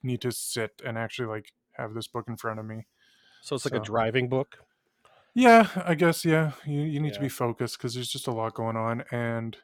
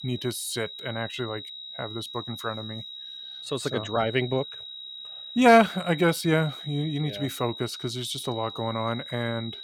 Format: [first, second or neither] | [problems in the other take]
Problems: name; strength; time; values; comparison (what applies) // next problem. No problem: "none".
first | high-pitched whine; noticeable; throughout; 4 kHz, 10 dB below the speech